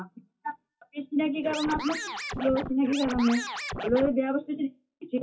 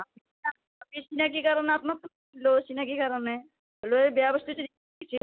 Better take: second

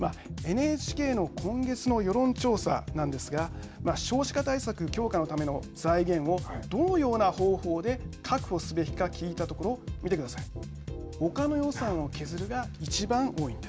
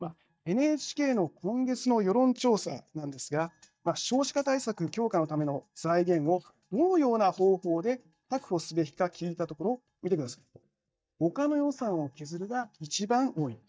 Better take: first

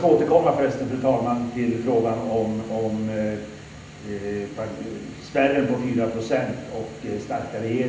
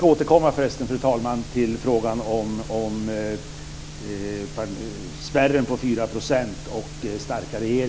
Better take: second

